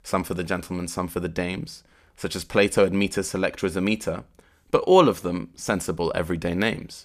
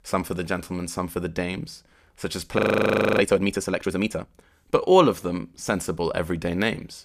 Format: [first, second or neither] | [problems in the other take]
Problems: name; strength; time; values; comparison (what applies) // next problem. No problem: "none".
first | audio freezing; at 2.5 s for 0.5 s